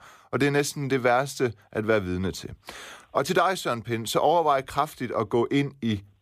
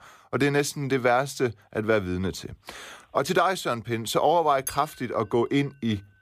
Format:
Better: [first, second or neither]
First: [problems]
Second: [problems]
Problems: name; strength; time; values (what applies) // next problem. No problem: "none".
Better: first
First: none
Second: clattering dishes; noticeable; at 4.5 s; peak 10 dB below the speech